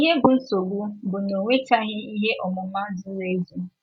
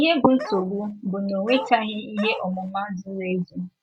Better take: first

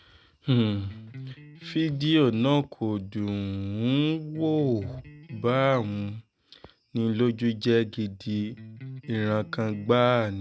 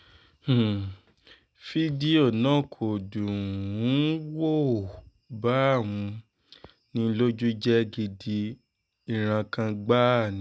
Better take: second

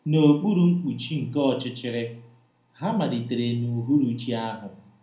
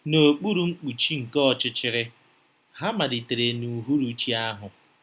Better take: second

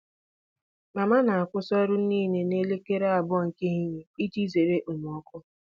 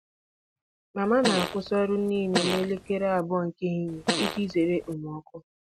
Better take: first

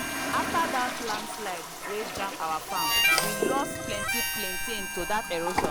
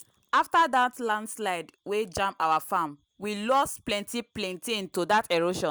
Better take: second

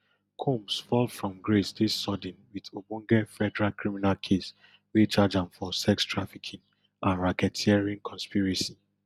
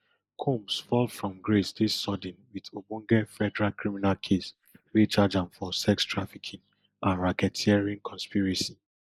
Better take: first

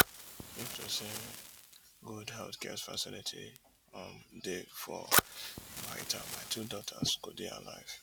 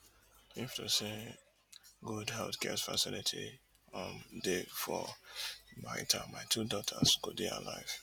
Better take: second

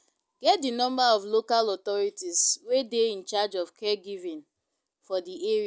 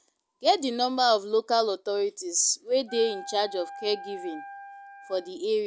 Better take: first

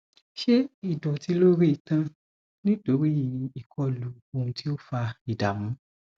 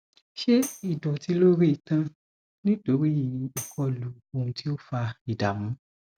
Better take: first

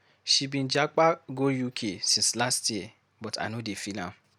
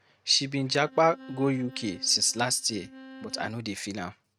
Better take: first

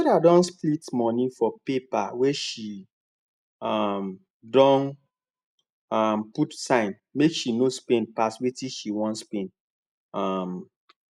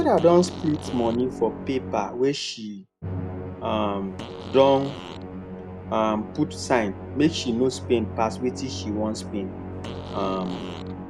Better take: first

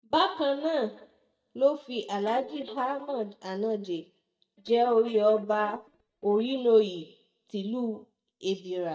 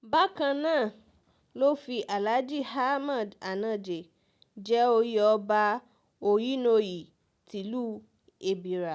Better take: second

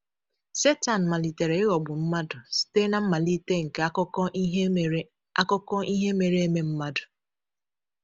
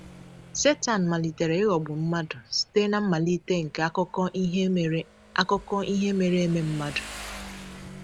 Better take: first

